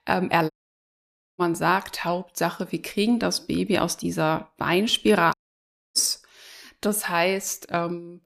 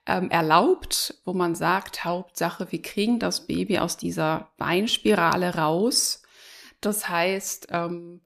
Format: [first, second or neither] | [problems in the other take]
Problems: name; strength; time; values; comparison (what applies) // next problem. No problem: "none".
second | audio cutting out; at 0.5 s for 1 s and at 5.5 s for 0.5 s